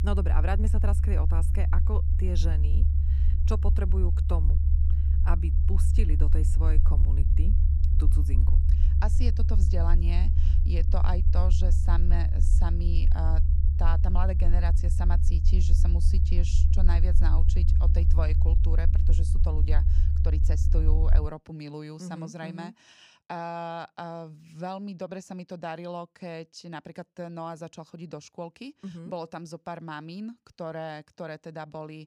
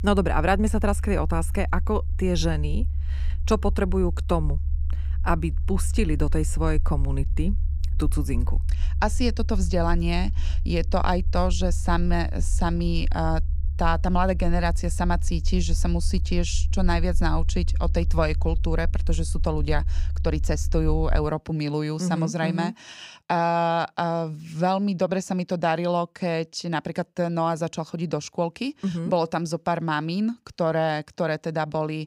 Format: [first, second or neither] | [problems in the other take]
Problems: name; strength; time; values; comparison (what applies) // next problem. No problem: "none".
second | low rumble; loud; until 21 s; 5 dB below the speech; faint in the second